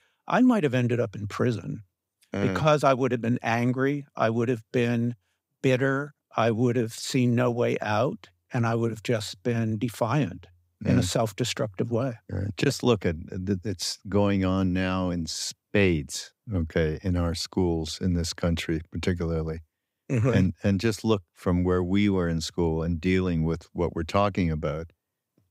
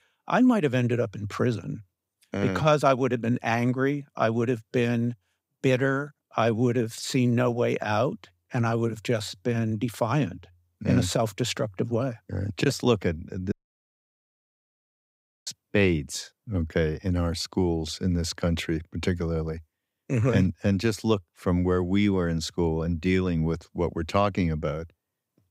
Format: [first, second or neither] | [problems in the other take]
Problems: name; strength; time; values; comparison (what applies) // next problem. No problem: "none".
first | audio cutting out; at 14 s for 2 s